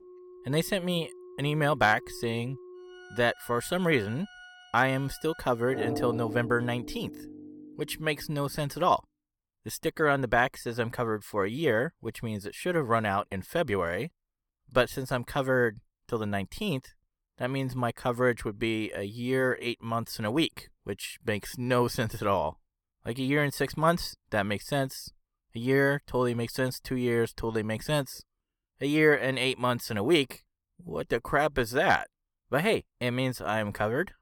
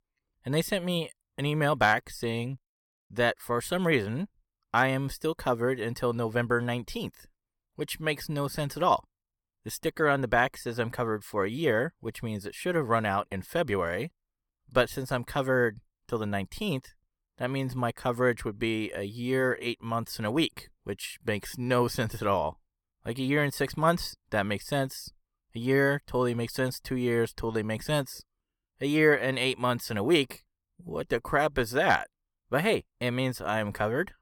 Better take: second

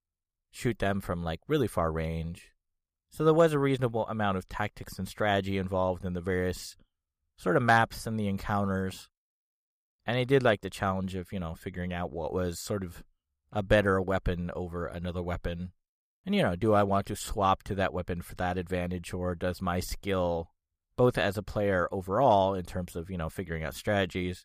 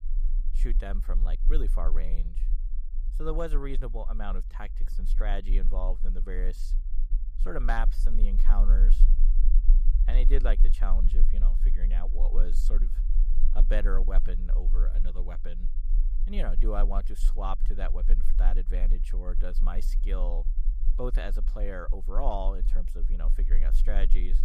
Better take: first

